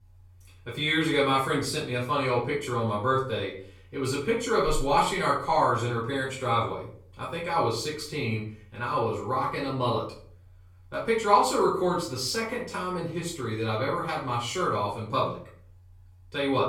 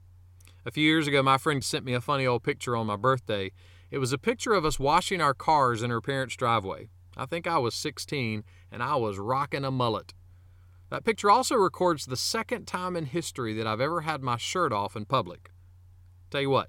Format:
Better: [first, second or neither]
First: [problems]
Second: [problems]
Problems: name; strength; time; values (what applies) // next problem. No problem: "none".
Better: second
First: off-mic speech; far // room echo; noticeable; dies away in 0.4 s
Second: none